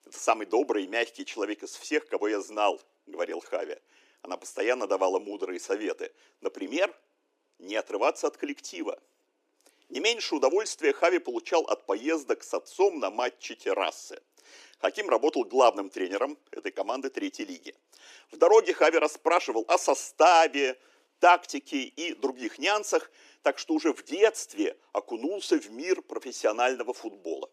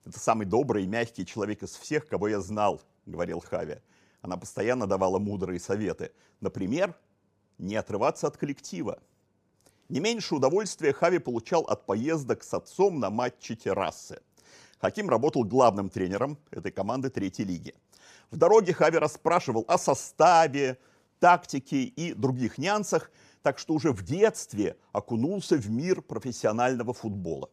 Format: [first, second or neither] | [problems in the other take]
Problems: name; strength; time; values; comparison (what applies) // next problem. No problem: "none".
second | thin; somewhat; fading below 300 Hz